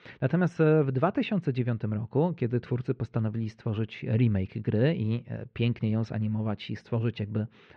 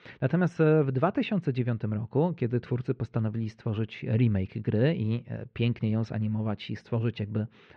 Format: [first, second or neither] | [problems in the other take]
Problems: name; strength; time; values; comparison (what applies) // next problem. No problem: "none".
neither | muffled; very; fading above 2.5 kHz; the same in both